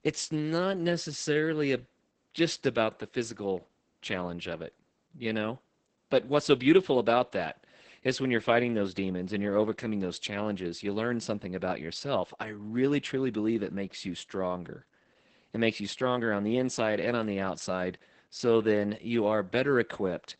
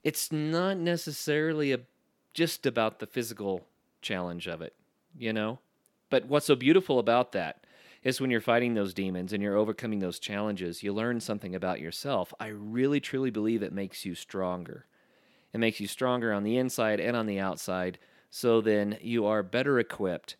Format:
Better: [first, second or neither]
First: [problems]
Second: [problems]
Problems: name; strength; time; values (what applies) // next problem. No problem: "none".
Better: second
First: garbled, watery; badly; nothing above 8 kHz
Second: none